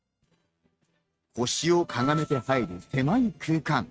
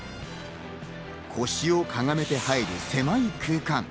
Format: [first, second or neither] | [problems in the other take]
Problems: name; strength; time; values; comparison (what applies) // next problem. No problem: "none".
second | noise reduction (neural mask model RNNoise)